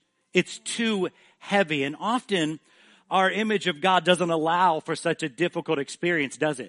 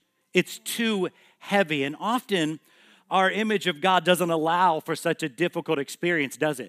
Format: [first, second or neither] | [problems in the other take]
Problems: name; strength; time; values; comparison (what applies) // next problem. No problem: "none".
second | garbled, watery; slightly; nothing above 10.5 kHz